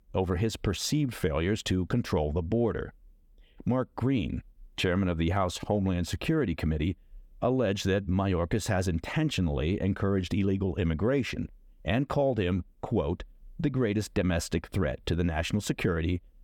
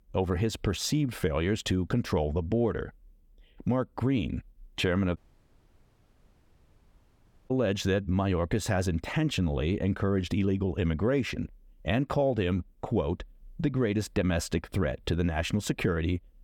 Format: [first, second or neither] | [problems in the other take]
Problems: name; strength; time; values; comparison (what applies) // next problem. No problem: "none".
first | audio cutting out; at 5 s for 2.5 s